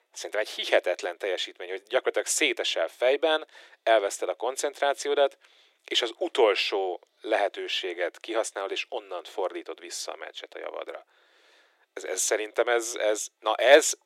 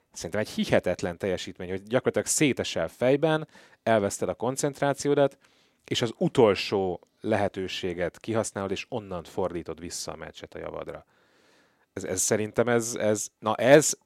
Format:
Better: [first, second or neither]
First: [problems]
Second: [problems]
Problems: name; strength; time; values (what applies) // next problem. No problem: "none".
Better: second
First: thin; very; fading below 350 Hz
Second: none